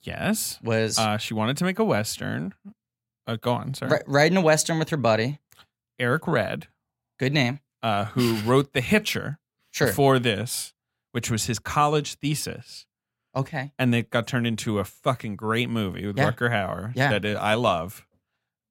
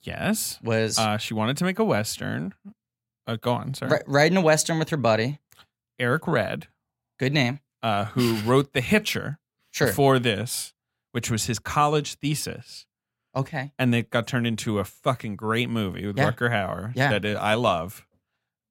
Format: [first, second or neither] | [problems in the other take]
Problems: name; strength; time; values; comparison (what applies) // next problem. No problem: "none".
neither | none